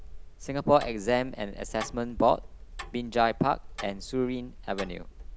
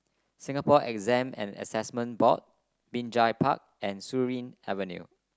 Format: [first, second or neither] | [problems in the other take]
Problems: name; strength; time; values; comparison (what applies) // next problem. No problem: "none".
second | background sound (Tick-tock); 12 dB below the speech